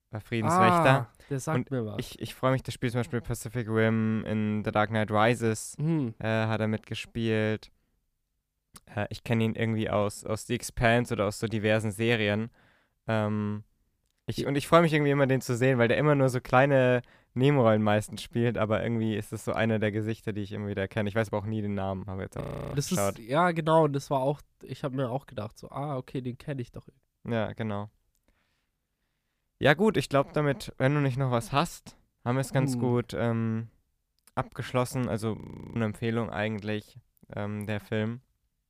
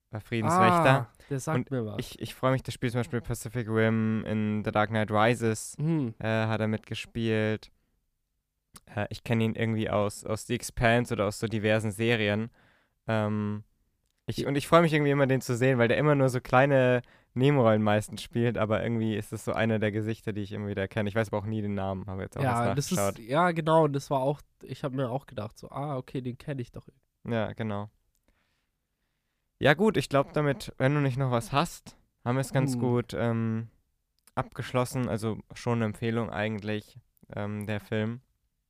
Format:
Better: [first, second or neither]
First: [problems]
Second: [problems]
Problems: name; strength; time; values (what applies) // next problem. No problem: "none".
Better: second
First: audio freezing; at 22 s and at 35 s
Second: none